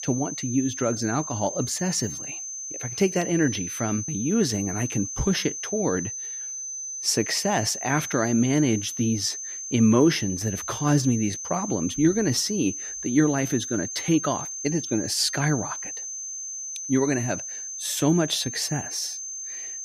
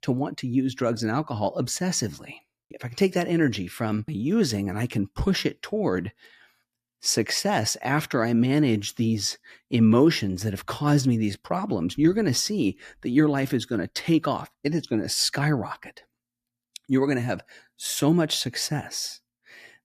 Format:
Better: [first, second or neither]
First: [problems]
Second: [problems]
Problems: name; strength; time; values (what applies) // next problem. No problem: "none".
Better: second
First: high-pitched whine; loud; throughout; 6 kHz, 6 dB below the speech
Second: none